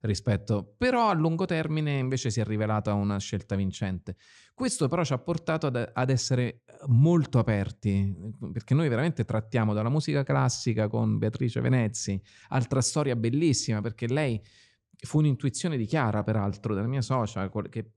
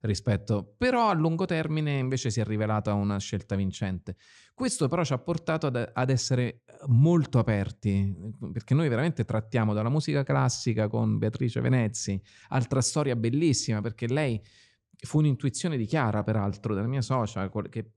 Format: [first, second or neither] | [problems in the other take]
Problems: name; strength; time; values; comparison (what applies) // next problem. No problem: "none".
neither | none